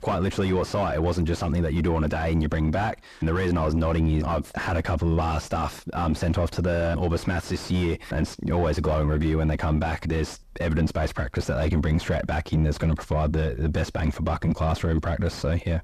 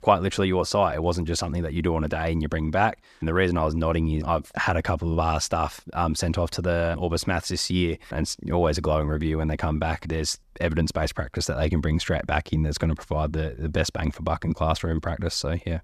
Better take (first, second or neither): second